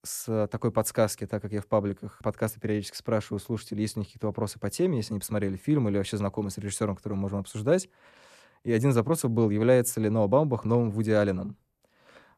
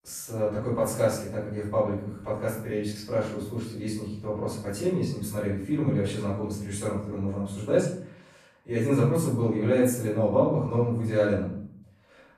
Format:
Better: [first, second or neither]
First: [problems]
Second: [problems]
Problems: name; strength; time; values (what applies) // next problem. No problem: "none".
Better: first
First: none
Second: off-mic speech; far // room echo; noticeable; dies away in 0.5 s